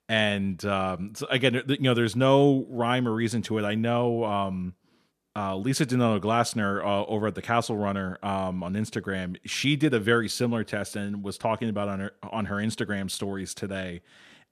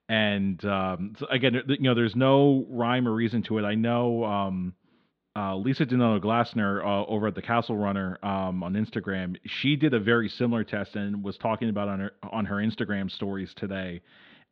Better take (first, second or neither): first